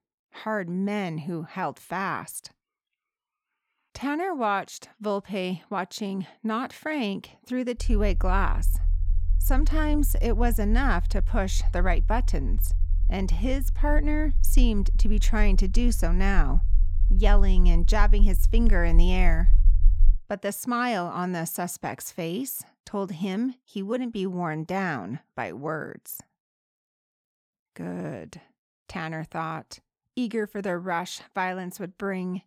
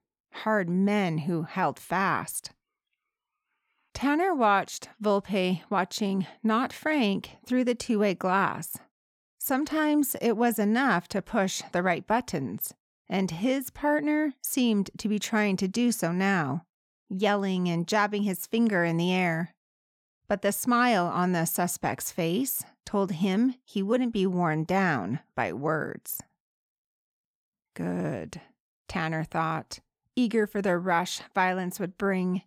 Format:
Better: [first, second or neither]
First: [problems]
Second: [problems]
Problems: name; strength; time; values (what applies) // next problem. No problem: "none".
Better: second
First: low rumble; faint; from 8 to 20 s; 20 dB below the speech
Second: none